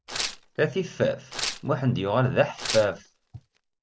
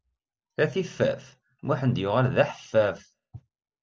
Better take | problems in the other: second | background sound (Tearing); 10 dB below the speech

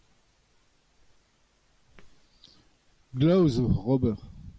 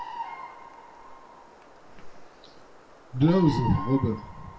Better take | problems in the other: first | background sound (Bird vocalization, bird call, bird song); 11 dB below the speech // room echo; dies away in 0.2 s

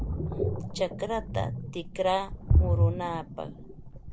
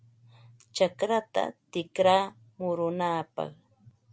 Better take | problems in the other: second | background sound (Ocean); 5 dB above the speech

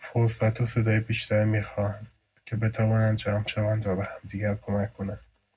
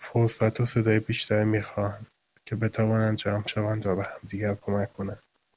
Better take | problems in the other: second | room echo; dies away in 0.3 s

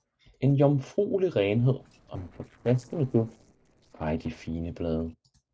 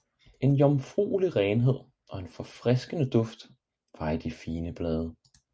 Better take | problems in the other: second | noise reduction (neural separator model SepFormer DNS4)

